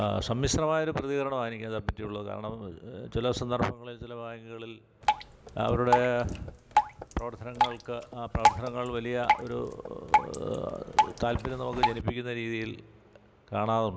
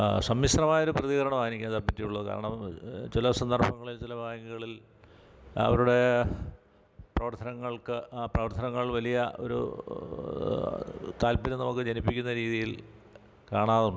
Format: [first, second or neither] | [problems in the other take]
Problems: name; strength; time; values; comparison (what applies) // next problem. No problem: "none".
second | background sound (Drip); 1 dB below the speech